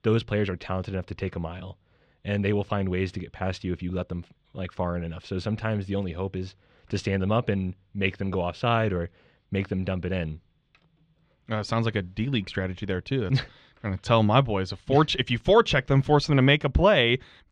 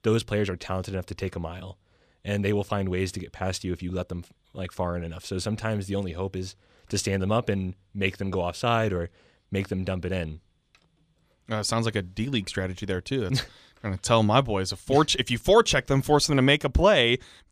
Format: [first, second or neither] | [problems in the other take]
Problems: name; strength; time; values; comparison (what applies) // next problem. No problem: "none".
second | muffled; very slightly; fading above 3 kHz